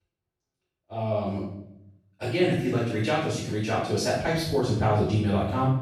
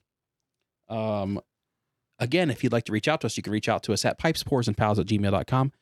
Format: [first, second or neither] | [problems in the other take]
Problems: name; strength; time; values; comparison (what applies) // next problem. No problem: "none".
second | off-mic speech; far // room echo; strong; dies away in 0.7 s